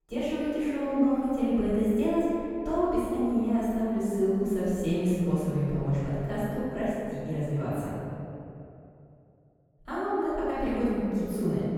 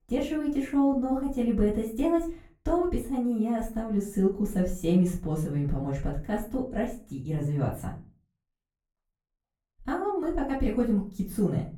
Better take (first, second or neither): second